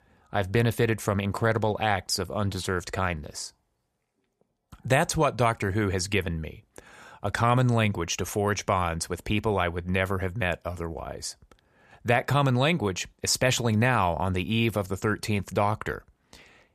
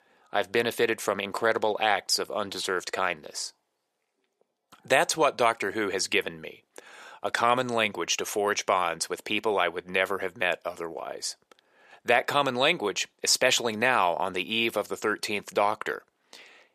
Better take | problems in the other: first | thin; somewhat; fading below 400 Hz

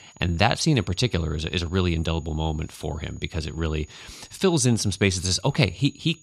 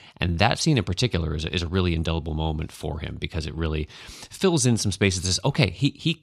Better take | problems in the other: second | high-pitched whine; faint; throughout; 6.5 kHz, 25 dB below the speech

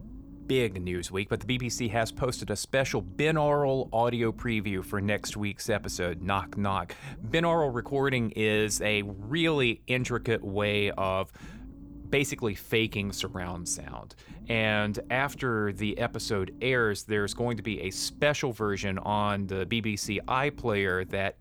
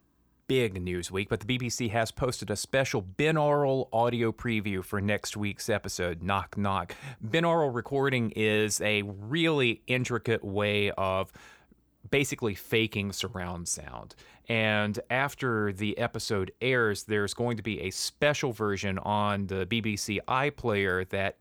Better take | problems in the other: second | low rumble; faint; throughout; 25 dB below the speech

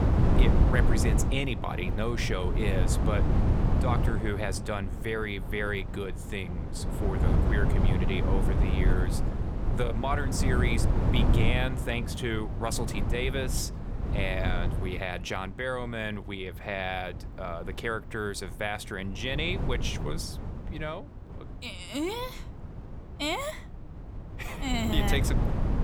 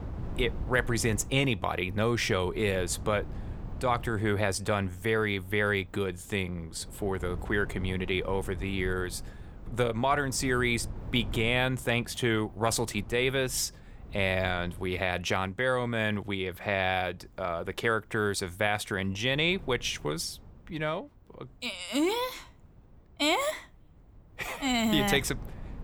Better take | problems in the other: second | wind noise on the microphone; heavy; 5 dB below the speech; occasional gusts in the second

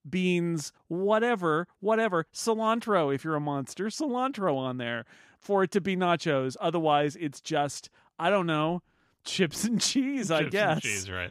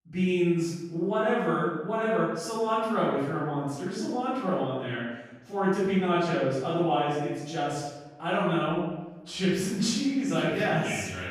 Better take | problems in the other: first | off-mic speech; far // room echo; strong; dies away in 0.9 s

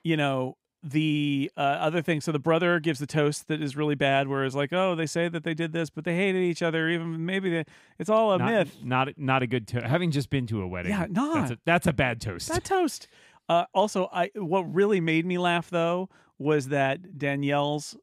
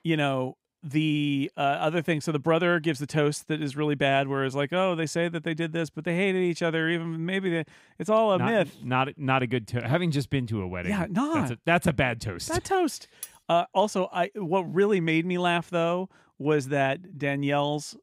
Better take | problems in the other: first | clattering dishes; very faint; at 13 s; peak 15 dB below the speech

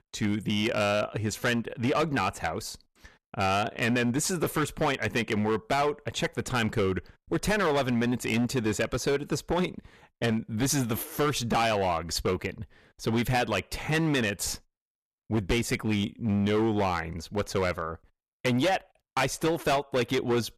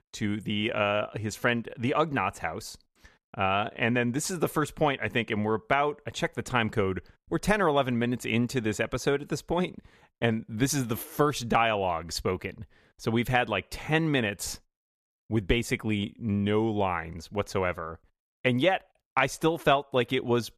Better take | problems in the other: second | distortion; heavy; 11% of the sound clipped

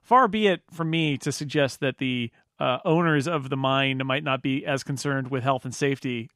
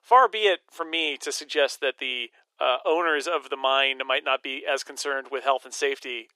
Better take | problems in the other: first | thin; very; fading below 400 Hz

